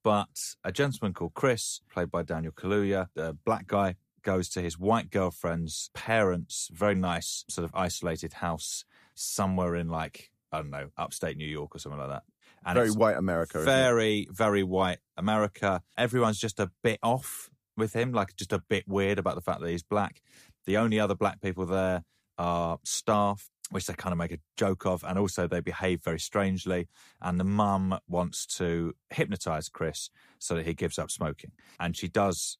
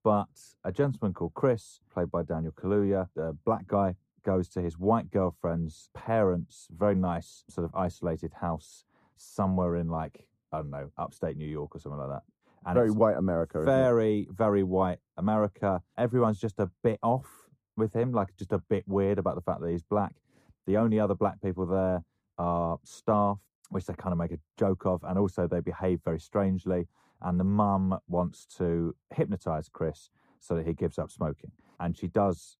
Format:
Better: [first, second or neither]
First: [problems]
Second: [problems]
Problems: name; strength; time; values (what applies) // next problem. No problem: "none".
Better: first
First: none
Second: muffled; very; fading above 1.5 kHz